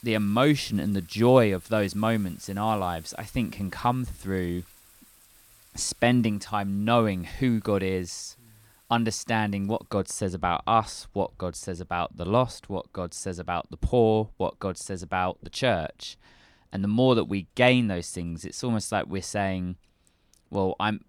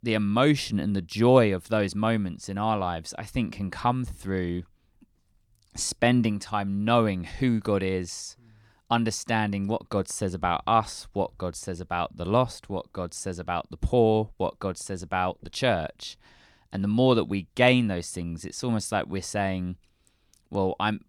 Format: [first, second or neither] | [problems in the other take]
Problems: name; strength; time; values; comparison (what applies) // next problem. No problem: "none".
second | household noises; faint; throughout; 25 dB below the speech